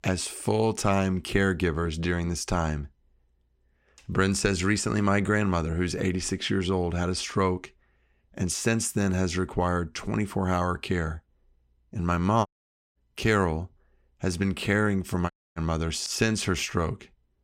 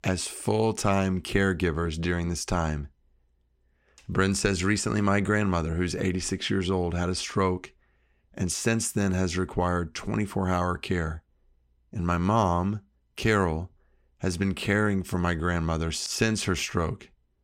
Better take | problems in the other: second | audio cutting out; at 12 s and at 15 s

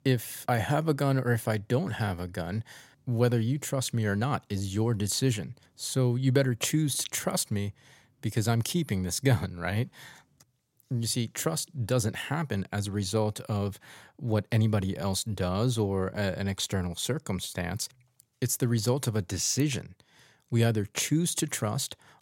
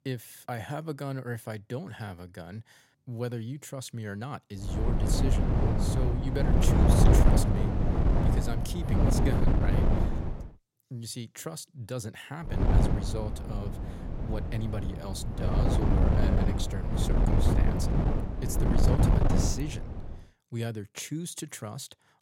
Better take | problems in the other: first | wind noise on the microphone; heavy; from 4.5 to 10 s and from 13 to 20 s; 5 dB above the speech

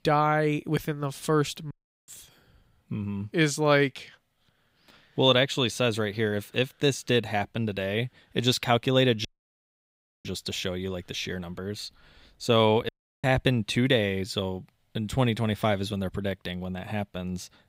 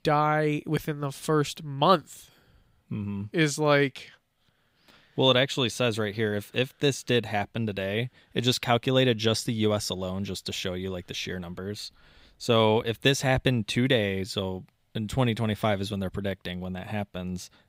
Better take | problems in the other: second | audio cutting out; at 1.5 s, at 9.5 s for 1 s and at 13 s

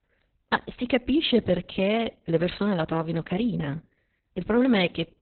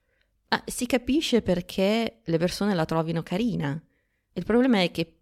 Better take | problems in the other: second | garbled, watery; badly; nothing above 4 kHz

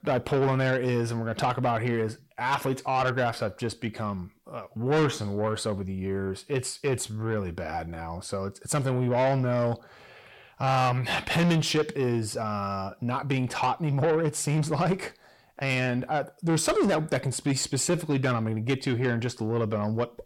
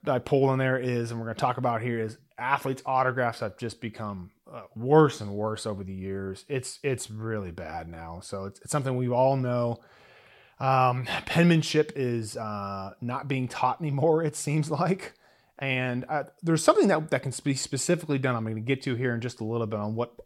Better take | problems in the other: second | distortion; heavy; 8 dB below the speech

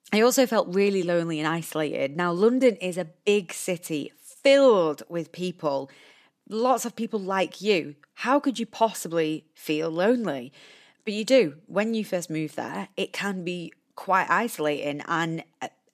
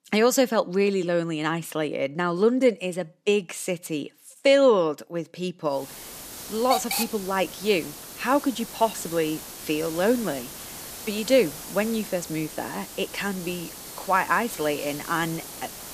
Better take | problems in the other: first | hiss; noticeable; from 6 s on; 10 dB below the speech

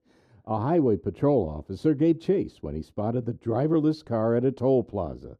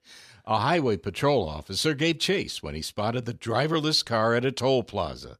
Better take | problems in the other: second | muffled; very; fading above 1.5 kHz

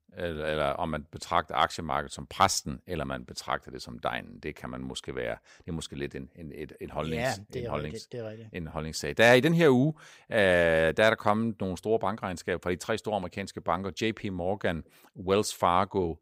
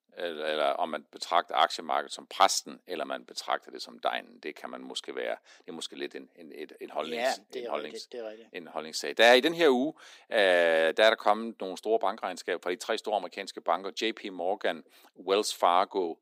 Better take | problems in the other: first | thin; somewhat; fading below 250 Hz

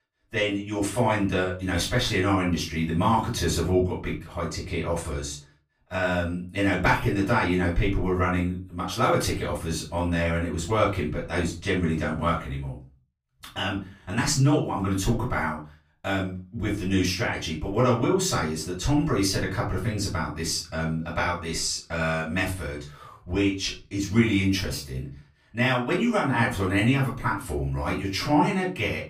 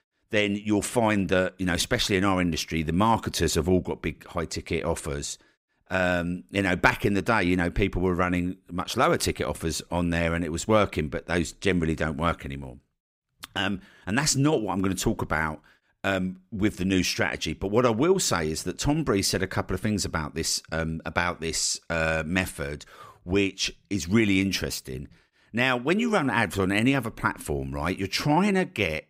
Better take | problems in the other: second | off-mic speech; far // room echo; slight; dies away in 0.3 s

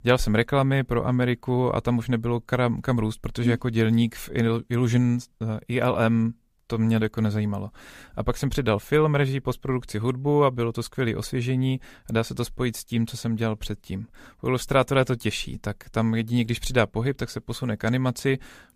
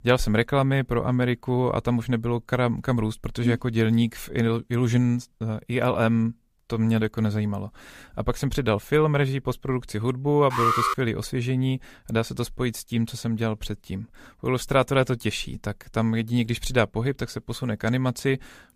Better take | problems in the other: first | alarm; loud; at 11 s; peak 3 dB above the speech

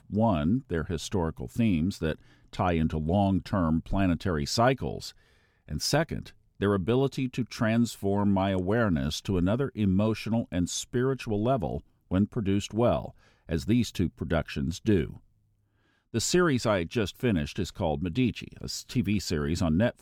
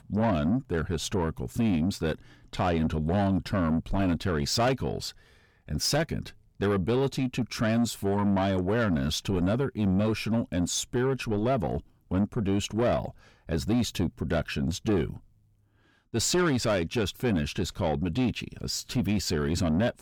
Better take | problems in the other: first | distortion; slight; 10 dB below the speech

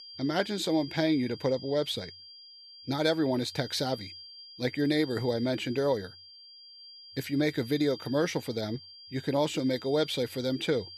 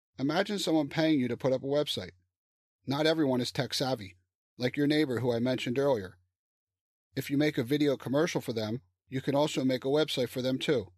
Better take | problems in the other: second | high-pitched whine; noticeable; throughout; 5 kHz, 15 dB below the speech

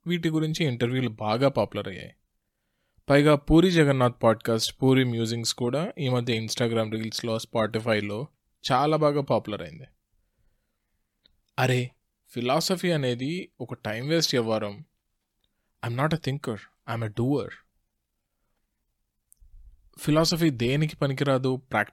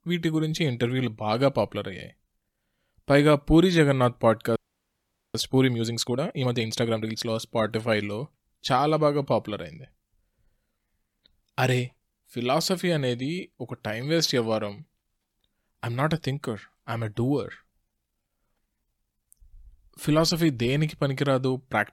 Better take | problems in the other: first | audio freezing; at 4.5 s for 1 s

